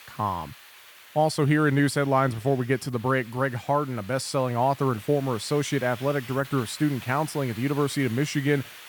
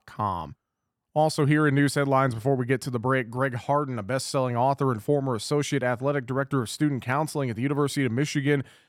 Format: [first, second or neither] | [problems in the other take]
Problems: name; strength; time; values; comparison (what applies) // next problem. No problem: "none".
second | hiss; noticeable; throughout; 20 dB below the speech